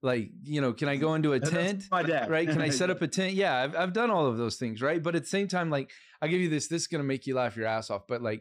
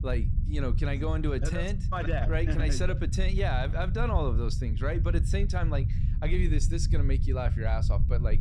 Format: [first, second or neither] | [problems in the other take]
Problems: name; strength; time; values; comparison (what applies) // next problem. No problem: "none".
first | low rumble; noticeable; throughout; 10 dB below the speech